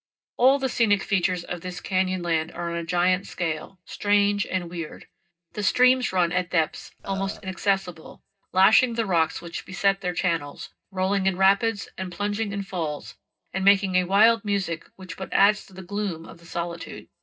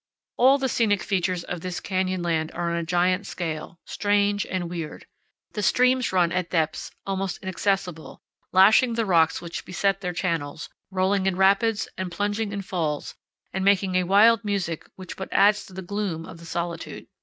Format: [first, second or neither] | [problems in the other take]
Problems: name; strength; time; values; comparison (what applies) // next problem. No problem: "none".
second | noise reduction (neural separator model SepFormer DNS4)